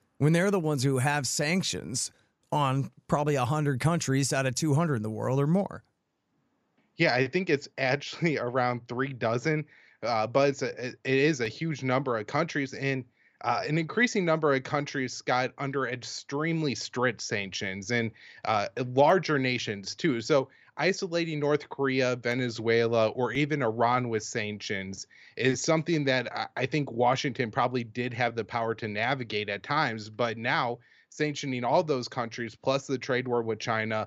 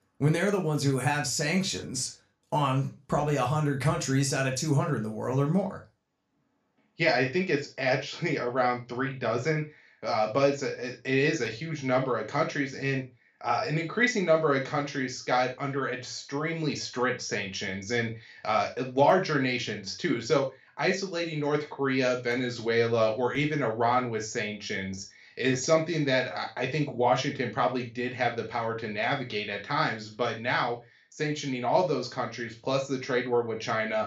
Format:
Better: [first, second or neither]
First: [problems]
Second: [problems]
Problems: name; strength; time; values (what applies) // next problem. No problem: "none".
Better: first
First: none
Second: room echo; slight; dies away in 0.3 s // off-mic speech; somewhat distant